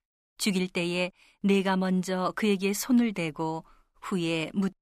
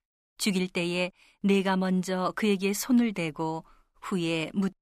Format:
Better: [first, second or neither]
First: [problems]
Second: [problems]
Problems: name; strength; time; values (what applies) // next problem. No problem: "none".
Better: neither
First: none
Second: none